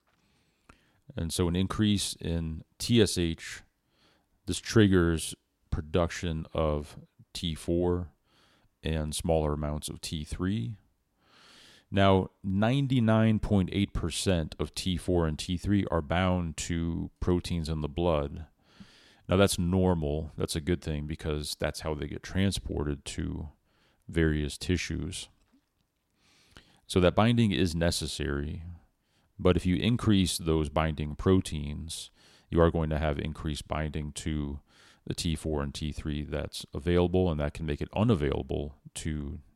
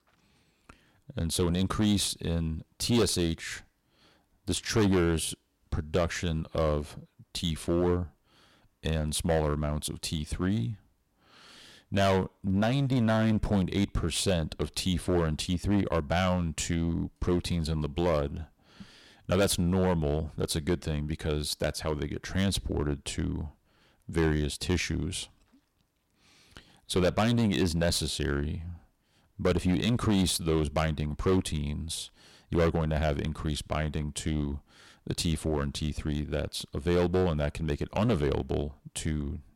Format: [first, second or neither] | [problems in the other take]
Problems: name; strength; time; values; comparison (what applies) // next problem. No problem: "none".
first | distortion; heavy; 8% of the sound clipped